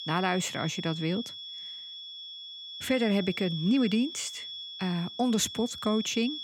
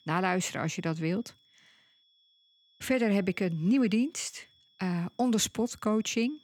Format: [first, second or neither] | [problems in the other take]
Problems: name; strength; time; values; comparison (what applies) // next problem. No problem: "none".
second | high-pitched whine; loud; throughout; 3.5 kHz, 9 dB below the speech; faint in the second